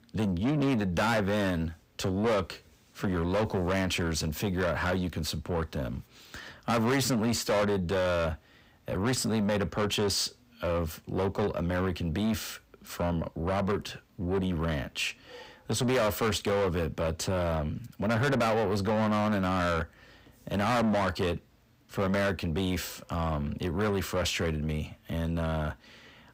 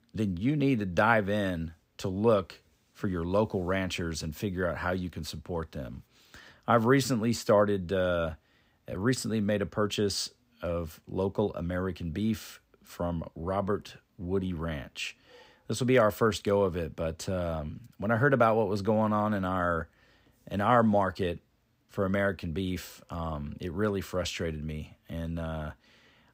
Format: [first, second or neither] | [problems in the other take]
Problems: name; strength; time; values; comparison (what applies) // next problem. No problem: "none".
second | distortion; heavy; 6 dB below the speech